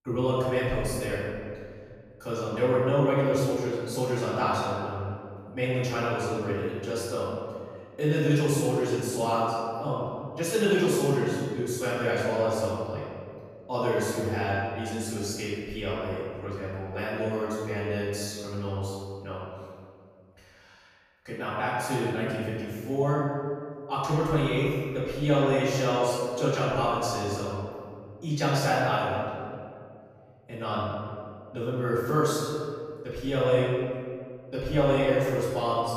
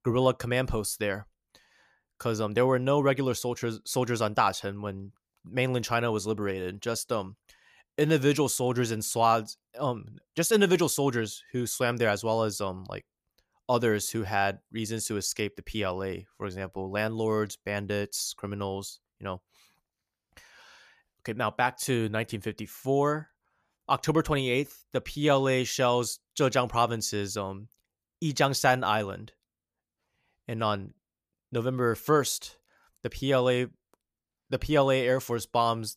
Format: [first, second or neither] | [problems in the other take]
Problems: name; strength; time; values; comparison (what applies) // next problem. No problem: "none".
second | room echo; strong; dies away in 2 s // off-mic speech; far